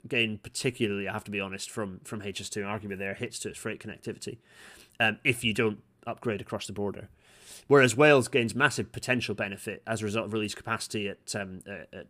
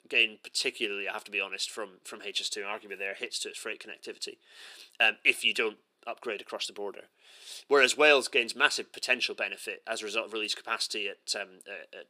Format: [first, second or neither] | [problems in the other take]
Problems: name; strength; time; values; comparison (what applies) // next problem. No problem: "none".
first | thin; somewhat; fading below 350 Hz